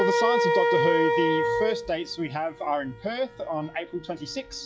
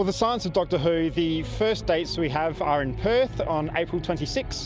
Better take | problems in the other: second | noise reduction (classical method log-MMSE)

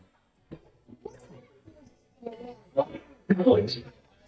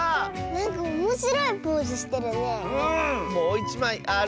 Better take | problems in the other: second | noise reduction (neural mask model DeepFilterNet 3)

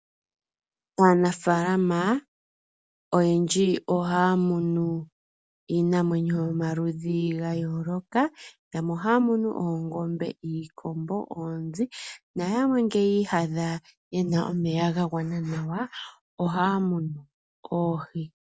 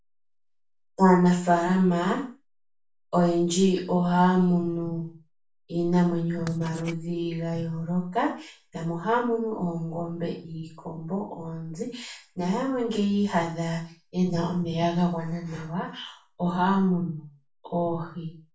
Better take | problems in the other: first | background sound (Writing); 20 dB below the speech // room echo; dies away in 0.3 s

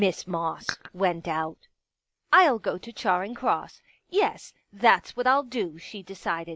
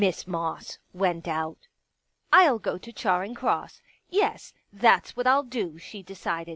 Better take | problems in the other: second | noise reduction (neural mask model Resemble Enhance denoiser)

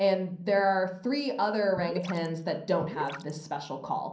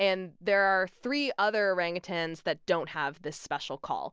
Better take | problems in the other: second | background sound (Gurgling / Liquid); 13 dB below the speech // room echo; dies away in 0.6 s

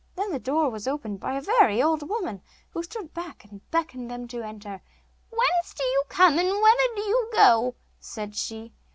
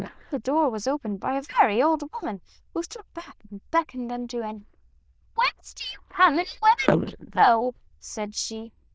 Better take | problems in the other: first | noise reduction (neural diffusion model UNIVERSE++)

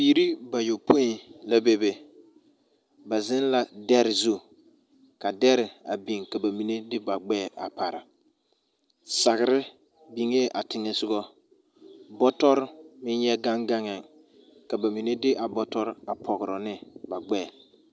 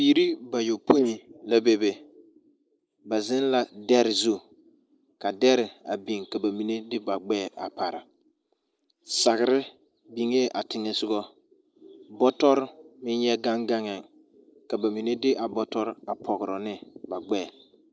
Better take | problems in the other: first | noise reduction (neural mask model Resemble Enhance denoiser)

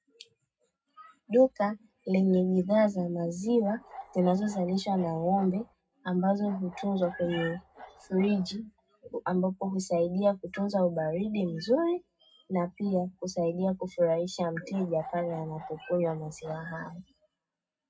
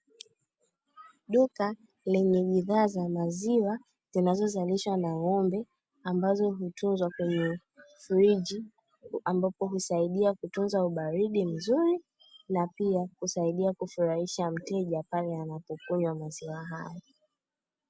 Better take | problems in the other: second | background sound (Bark); 18 dB below the speech // room echo; dies away in 0.3 s

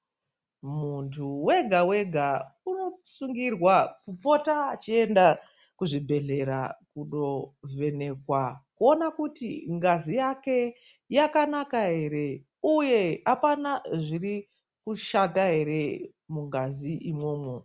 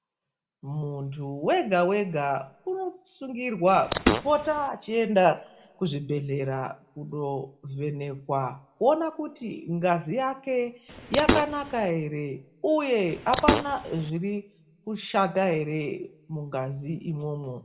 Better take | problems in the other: first | background sound (Fart); 1 dB below the speech // room echo; dies away in 0.5 s

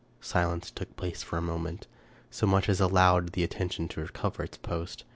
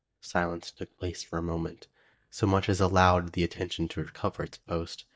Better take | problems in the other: first | noise reduction (neural mask model DeepFilterNet 3)

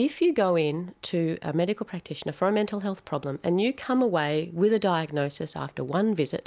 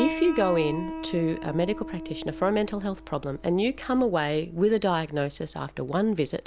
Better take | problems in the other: first | background sound (Piano); 11 dB below the speech

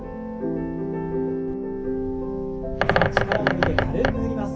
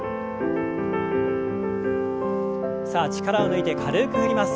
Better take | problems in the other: second | background sound (Bird); as loud as the speech // room echo; dies away in 0.3 s

